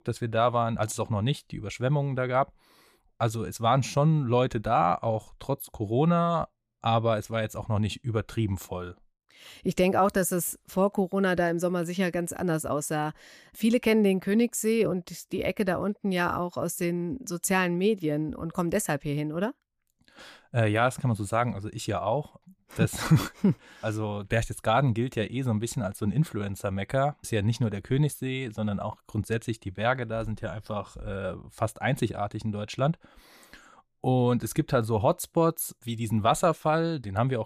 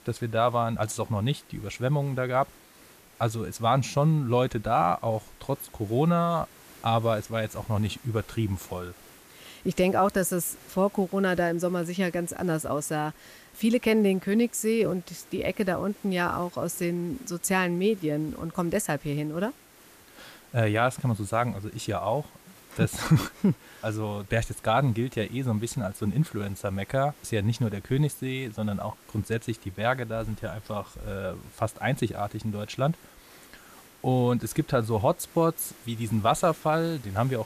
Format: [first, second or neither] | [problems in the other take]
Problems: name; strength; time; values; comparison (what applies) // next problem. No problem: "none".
first | hiss; faint; throughout; 25 dB below the speech